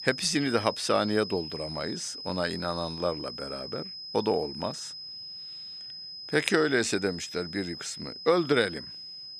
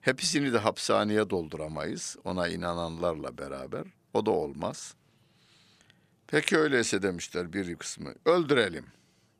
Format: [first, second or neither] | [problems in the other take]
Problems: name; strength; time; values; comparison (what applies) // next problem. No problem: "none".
second | high-pitched whine; loud; throughout; 5 kHz, 9 dB below the speech